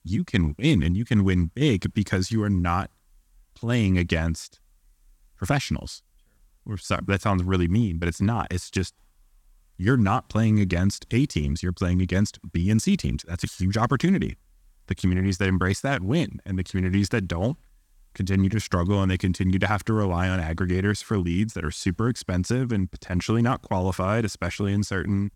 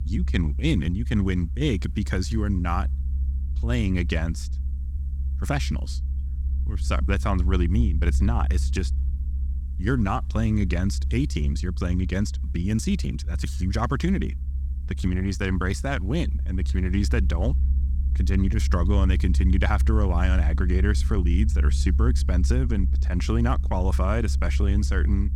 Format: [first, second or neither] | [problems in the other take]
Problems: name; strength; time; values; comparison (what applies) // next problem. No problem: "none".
first | low rumble; noticeable; throughout; 15 dB below the speech